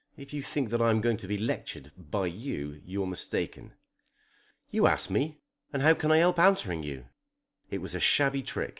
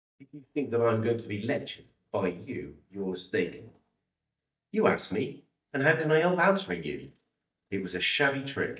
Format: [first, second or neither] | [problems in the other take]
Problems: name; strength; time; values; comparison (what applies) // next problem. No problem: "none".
first | noise reduction (neural mask model DeepFilterNet 3)